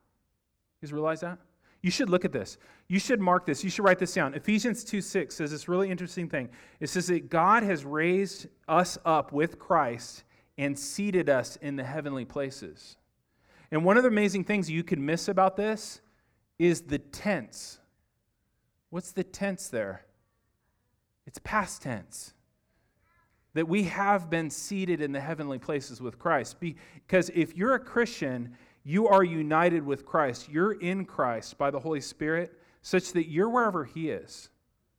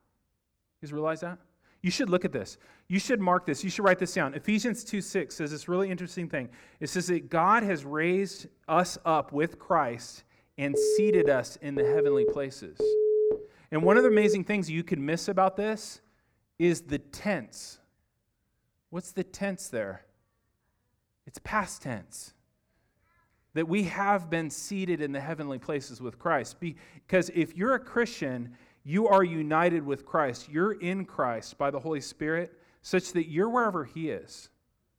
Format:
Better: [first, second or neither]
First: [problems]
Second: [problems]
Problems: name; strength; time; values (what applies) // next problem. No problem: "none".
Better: first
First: none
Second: phone ringing; loud; from 11 to 14 s; peak 5 dB above the speech